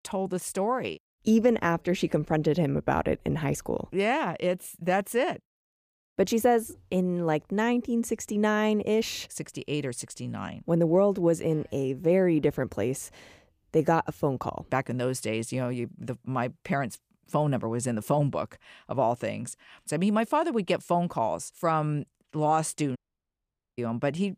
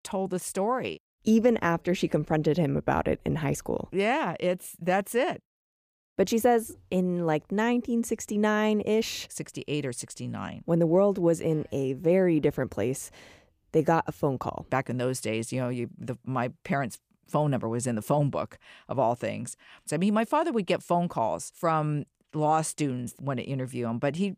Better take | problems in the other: second | audio cutting out; at 23 s for 1 s

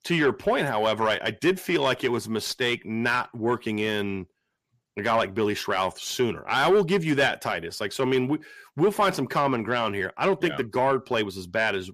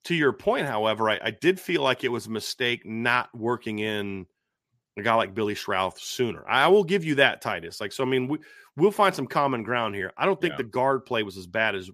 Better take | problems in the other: second | distortion; slight; 10 dB below the speech

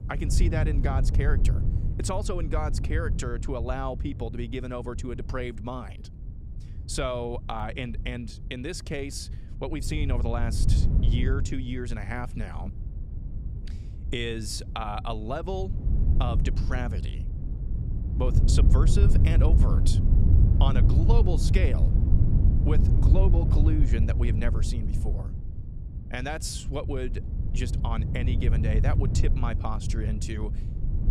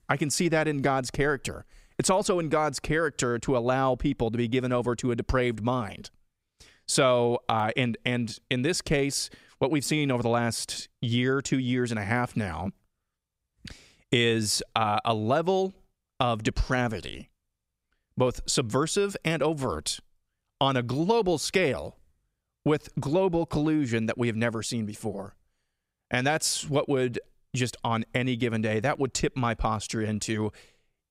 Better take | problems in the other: second | wind noise on the microphone; heavy; 6 dB below the speech

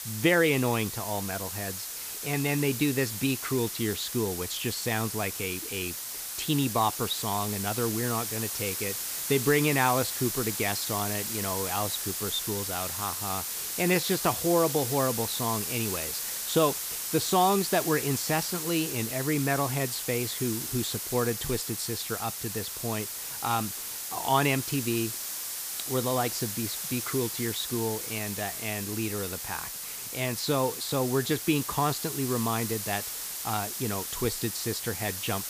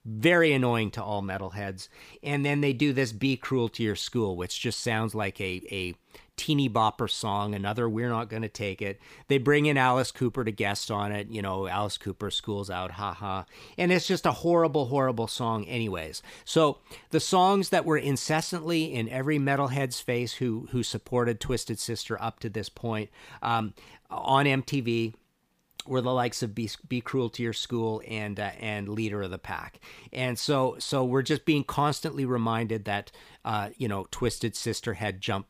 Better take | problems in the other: second | hiss; loud; throughout; 3 dB below the speech

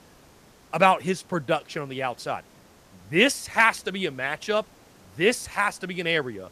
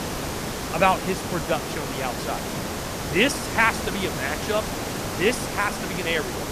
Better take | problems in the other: first | hiss; loud; throughout; 4 dB below the speech; faint in the first

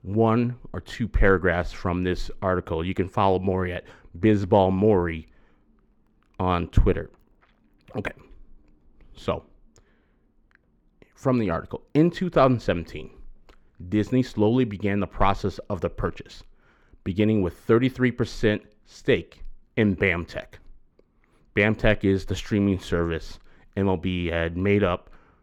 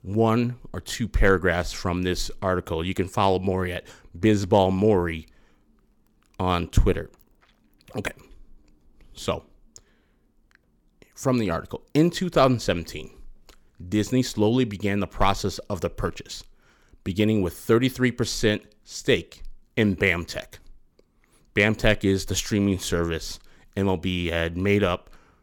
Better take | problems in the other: second | muffled; slightly; fading above 4 kHz

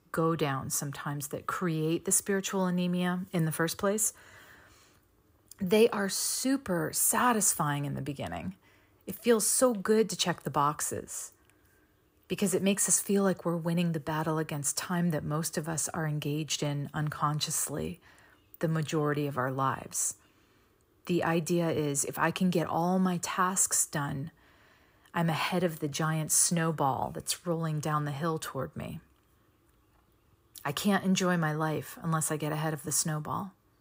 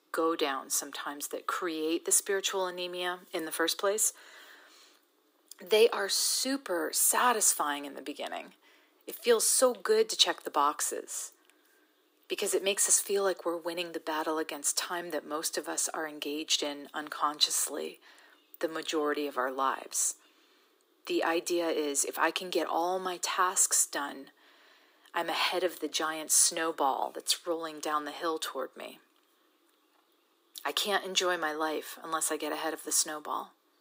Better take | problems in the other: first | thin; very; fading below 300 Hz

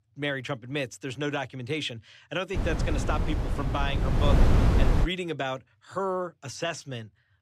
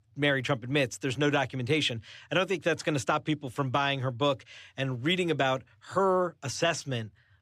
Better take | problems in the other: second | wind noise on the microphone; heavy; from 2.5 to 5 s; 2 dB below the speech

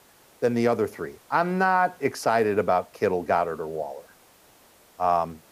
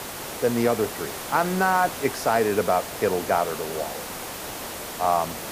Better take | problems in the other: first | hiss; loud; throughout; 8 dB below the speech; faint in the first

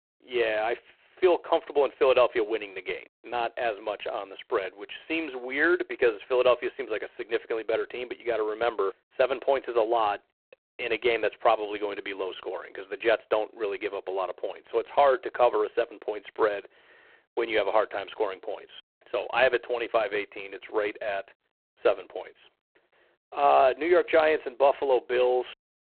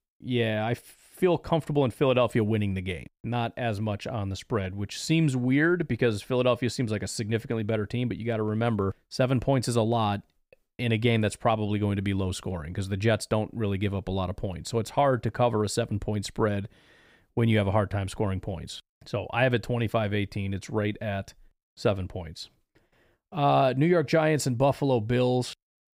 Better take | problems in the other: second | phone-call audio; poor line; nothing above 3.5 kHz

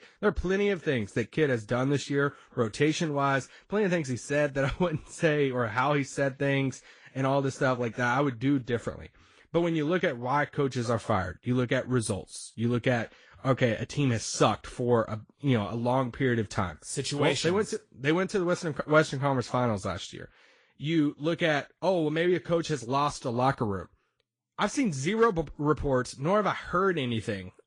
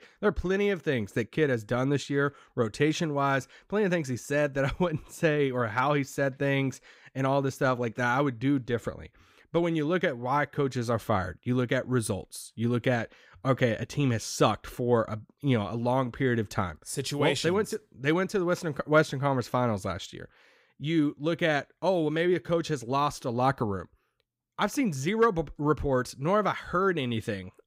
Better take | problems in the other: second | garbled, watery; slightly

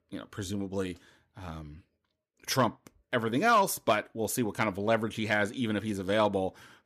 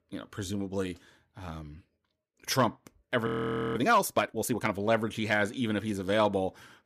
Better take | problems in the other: first | audio freezing; at 3.5 s

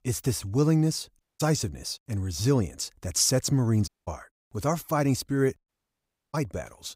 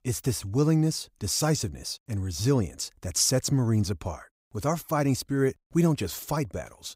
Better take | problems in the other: second | audio cutting out; at 1 s, at 4 s and at 5.5 s for 0.5 s

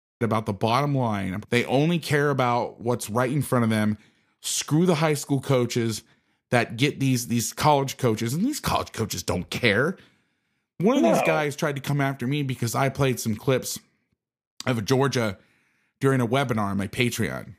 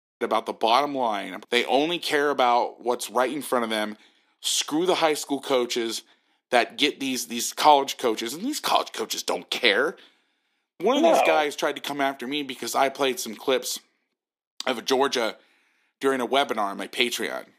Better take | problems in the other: first | thin; somewhat; fading below 300 Hz

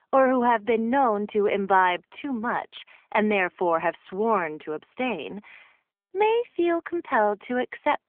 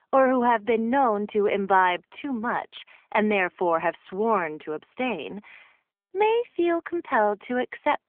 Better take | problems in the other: neither | phone-call audio; nothing above 3.5 kHz; the same in both

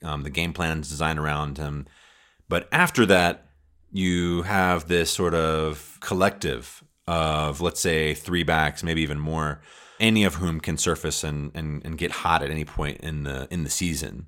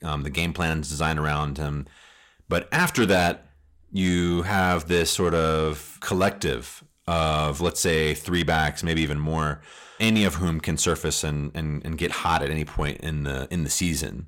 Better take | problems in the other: first | distortion; slight; 10 dB below the speech

